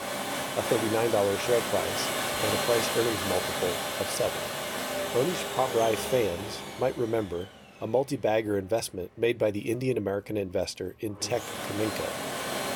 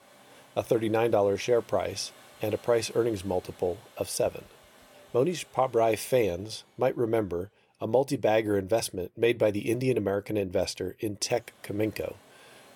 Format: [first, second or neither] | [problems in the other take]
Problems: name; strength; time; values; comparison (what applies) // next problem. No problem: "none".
second | household noises; loud; throughout; 1 dB below the speech; faint in the second